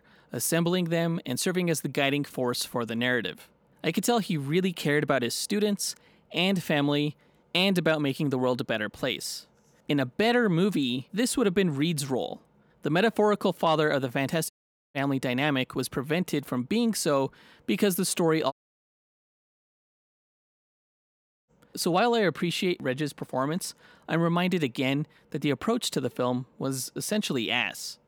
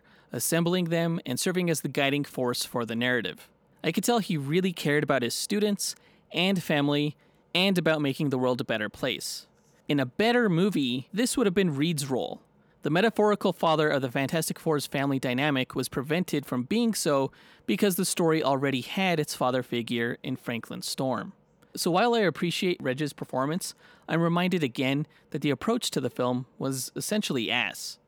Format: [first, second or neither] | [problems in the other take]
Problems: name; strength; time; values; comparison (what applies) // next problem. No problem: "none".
second | audio cutting out; at 15 s and at 19 s for 3 s